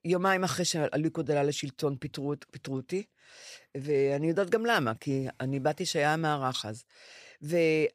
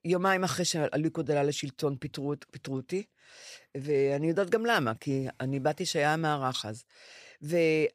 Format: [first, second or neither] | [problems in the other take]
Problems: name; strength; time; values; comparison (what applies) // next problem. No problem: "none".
neither | none